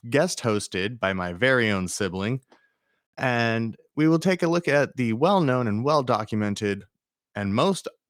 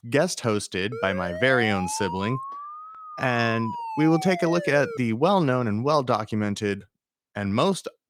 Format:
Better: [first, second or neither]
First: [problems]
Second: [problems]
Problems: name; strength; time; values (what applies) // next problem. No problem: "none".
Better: first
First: none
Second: siren; noticeable; from 1 to 5 s; peak 8 dB below the speech